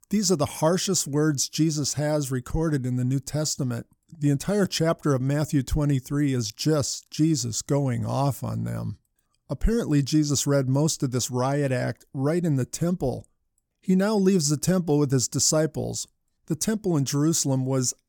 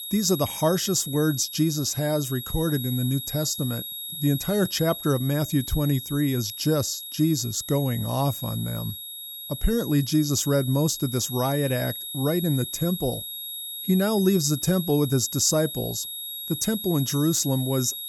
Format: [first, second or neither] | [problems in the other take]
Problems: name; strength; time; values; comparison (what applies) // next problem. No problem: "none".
first | high-pitched whine; loud; throughout; 3.5 kHz, 8 dB below the speech